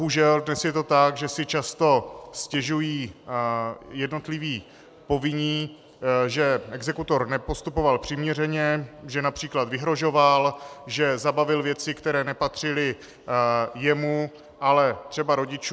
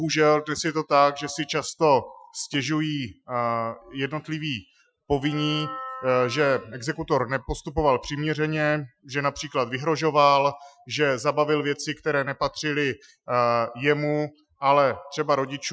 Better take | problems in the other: first | noise reduction (classical method Wiener filter)

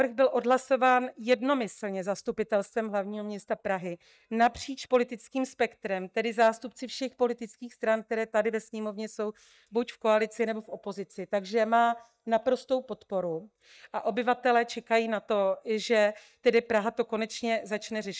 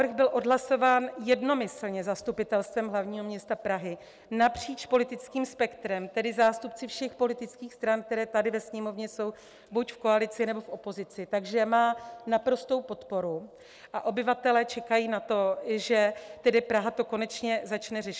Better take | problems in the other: second | noise reduction (neural mask model DeepFilterNet 3)

